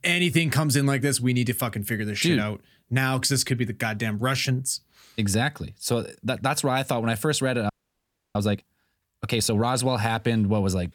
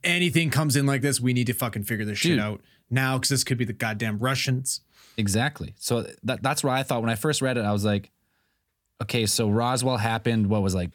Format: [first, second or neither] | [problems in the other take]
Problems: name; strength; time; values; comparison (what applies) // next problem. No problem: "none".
second | audio freezing; at 7.5 s for 0.5 s